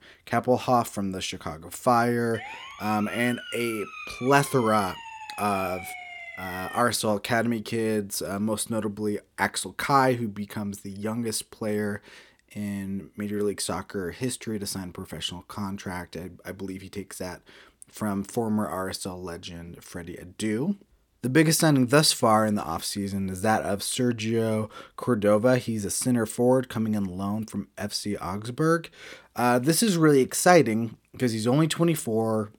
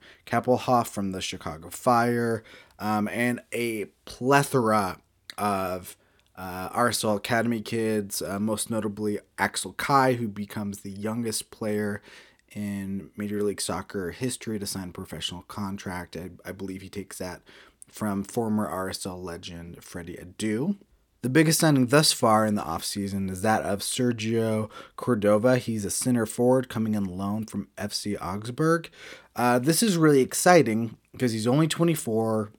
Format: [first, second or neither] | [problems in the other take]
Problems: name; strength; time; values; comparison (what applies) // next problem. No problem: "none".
second | siren; faint; from 2.5 to 7 s; peak 10 dB below the speech